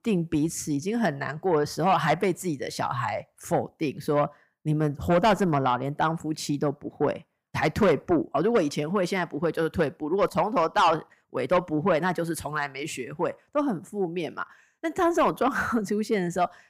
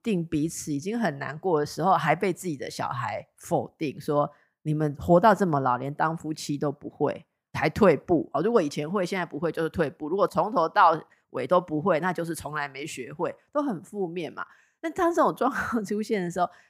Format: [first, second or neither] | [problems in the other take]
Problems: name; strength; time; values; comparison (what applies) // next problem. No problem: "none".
second | distortion; slight; 10 dB below the speech